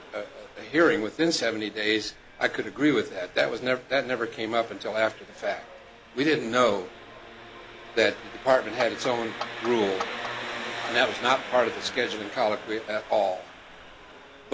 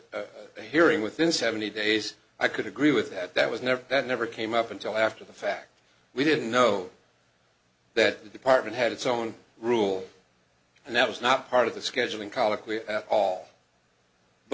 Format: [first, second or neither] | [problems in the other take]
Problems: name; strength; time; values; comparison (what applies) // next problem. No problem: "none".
second | background sound (Clock + Engine); 12 dB below the speech